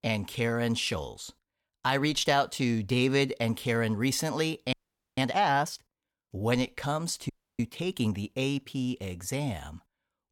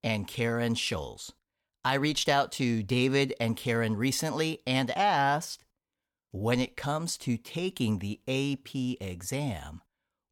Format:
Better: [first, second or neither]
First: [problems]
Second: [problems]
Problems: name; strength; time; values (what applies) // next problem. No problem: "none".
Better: second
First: audio freezing; at 4.5 s and at 7.5 s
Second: none